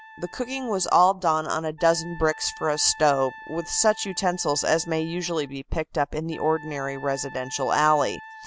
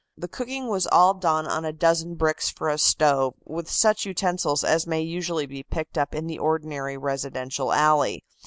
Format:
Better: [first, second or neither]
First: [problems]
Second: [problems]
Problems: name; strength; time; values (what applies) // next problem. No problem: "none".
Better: second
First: background sound (Wind instrument, woodwind instrument); 19 dB below the speech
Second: none